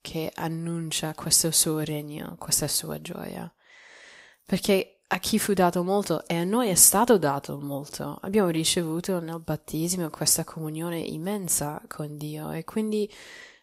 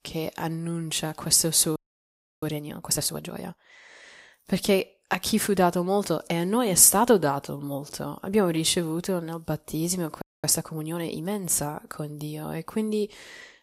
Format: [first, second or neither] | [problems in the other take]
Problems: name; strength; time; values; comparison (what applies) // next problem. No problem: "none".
first | audio freezing; at 2 s for 0.5 s and at 10 s